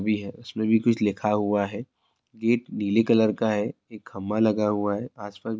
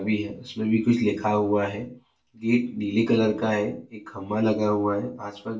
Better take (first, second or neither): first